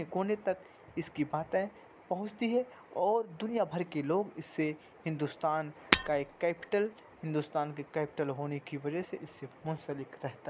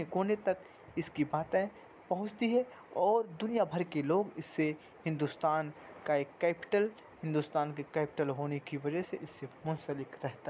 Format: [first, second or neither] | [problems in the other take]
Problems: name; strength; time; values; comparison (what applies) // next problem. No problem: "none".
second | background sound (Shatter); 1 dB below the speech